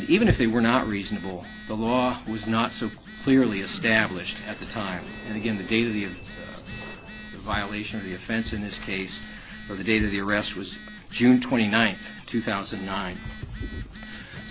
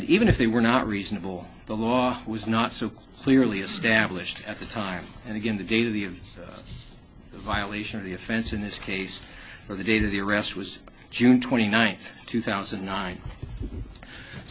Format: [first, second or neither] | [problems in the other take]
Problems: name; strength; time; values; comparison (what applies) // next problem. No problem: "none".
second | background sound (Train + Telephone); 16 dB below the speech